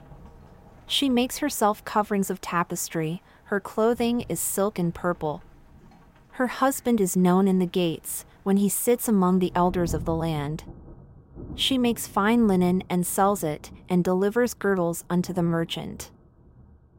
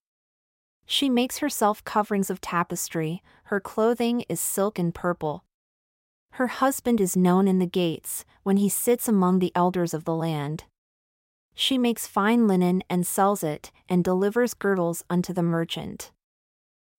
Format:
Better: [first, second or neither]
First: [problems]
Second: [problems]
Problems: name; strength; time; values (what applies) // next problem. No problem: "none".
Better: second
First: rain or running water; faint; throughout; 20 dB below the speech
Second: none